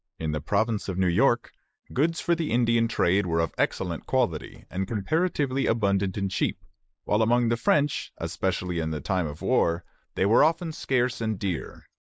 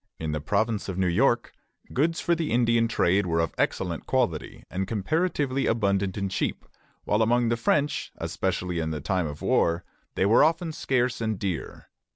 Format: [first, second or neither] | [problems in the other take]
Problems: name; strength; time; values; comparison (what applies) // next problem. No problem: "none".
second | noise reduction (neural mask model Resemble Enhance denoiser)